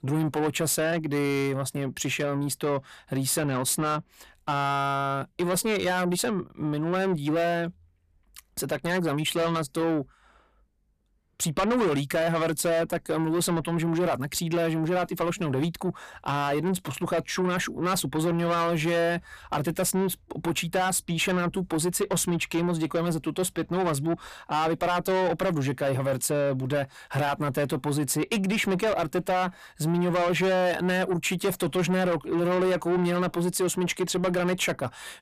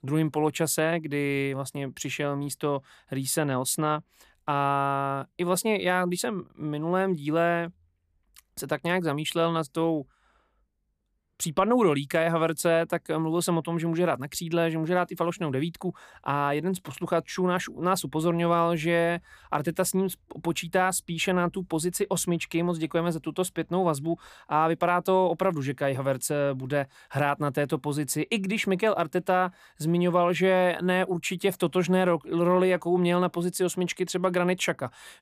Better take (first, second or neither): second